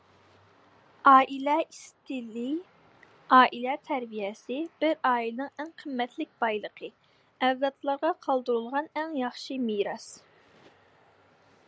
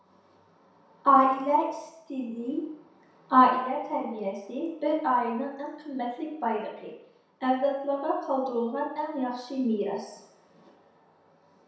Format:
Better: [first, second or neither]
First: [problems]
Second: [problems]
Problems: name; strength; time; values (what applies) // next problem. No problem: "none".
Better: first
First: none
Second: room echo; dies away in 0.7 s